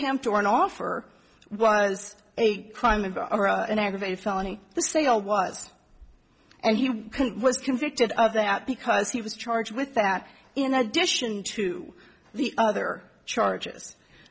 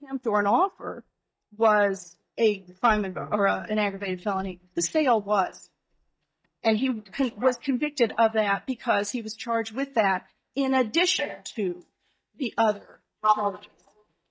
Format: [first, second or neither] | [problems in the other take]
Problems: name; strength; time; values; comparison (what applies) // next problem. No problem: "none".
first | noise reduction (neural mask model DeepFilterNet 3)